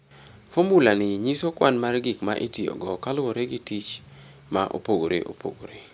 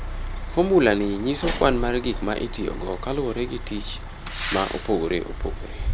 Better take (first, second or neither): first